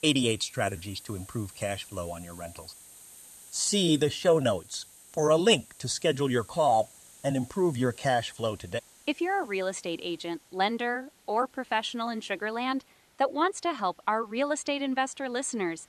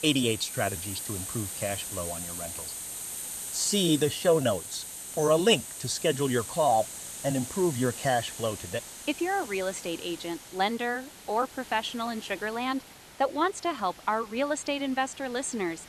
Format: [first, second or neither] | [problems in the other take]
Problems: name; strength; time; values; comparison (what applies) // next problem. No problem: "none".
first | hiss; loud; throughout; 8 dB below the speech; faint in the first